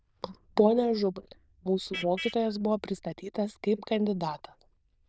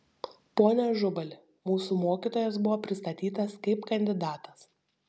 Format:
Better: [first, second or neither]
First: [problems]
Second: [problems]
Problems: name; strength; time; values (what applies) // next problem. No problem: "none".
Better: second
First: noise reduction (neural diffusion model UNIVERSE++)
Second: none